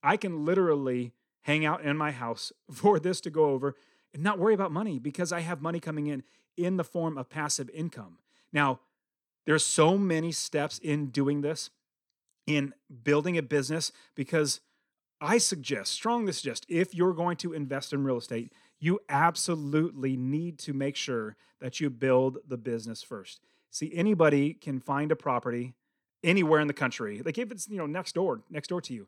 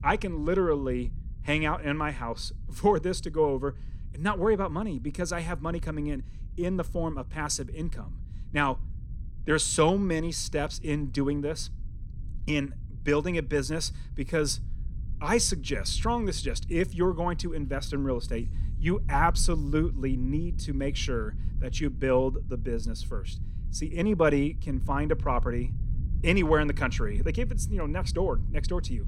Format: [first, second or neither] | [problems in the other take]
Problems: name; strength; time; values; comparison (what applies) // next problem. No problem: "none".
first | low rumble; faint; throughout; 25 dB below the speech